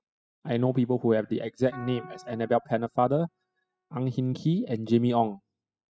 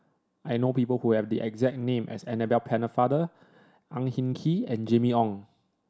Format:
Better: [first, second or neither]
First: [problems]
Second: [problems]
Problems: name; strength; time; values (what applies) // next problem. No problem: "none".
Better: second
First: noise reduction (classical method spectral subtraction)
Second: none